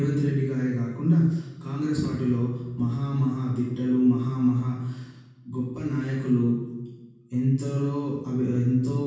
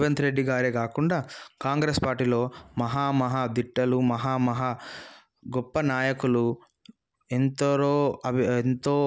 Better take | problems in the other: second | room echo; dies away in 1.2 s

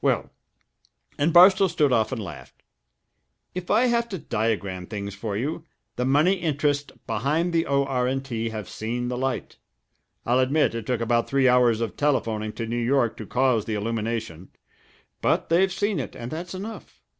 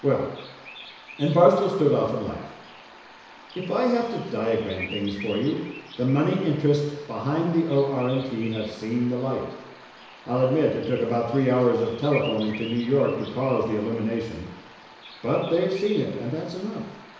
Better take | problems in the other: first | background sound (Bird vocalization, bird call, bird song); 18 dB below the speech // room echo; dies away in 1 s

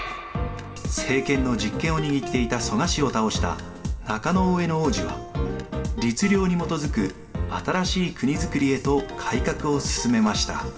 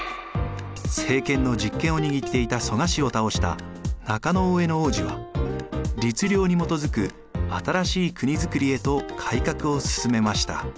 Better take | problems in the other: second | room echo; dies away in 1.8 s

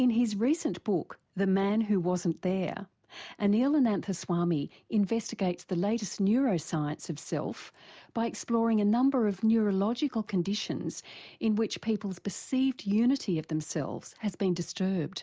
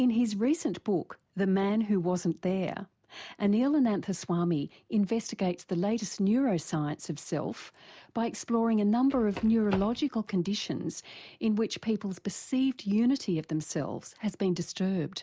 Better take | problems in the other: first | background sound (Run); 11 dB below the speech

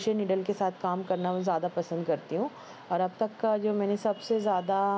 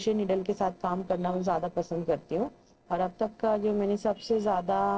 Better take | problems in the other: first | noise reduction (neural separator model SepFormer DNS4)

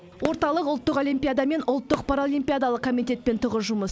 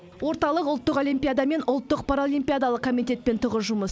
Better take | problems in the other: second | background sound (Fireworks); 14 dB below the speech

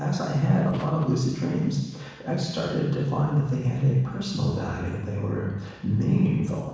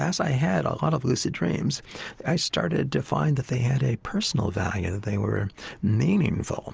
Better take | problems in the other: second | noise reduction (neural separator model SepFormer DNS4)

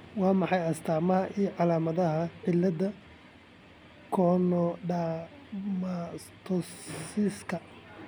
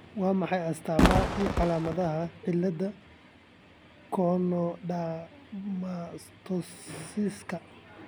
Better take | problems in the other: first | background sound (Fireworks); 4 dB above the speech

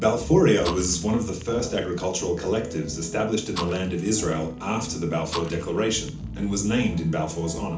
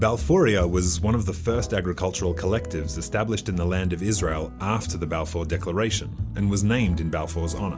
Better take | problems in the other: second | background sound (Fire); 16 dB below the speech // room echo; dies away in 0.4 s

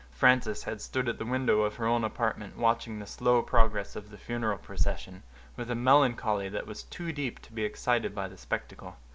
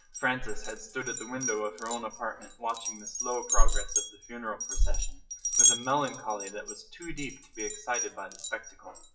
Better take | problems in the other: first | noise reduction (classical method WPE with log-MMSE)

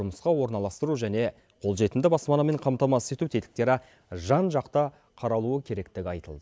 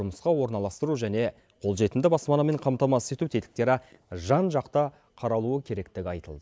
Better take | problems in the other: first | noise reduction (neural mask model Resemble Enhance denoiser)

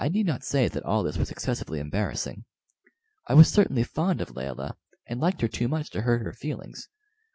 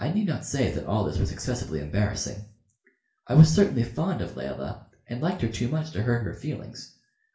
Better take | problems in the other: first | room echo; dies away in 0.4 s

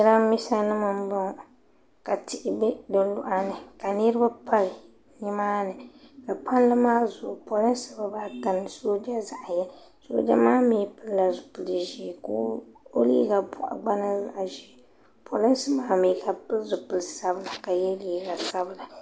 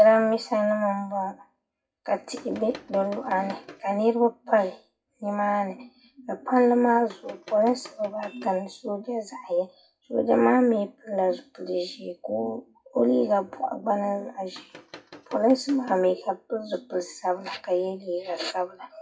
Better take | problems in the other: first | noise reduction (classical method WPE with log-MMSE)

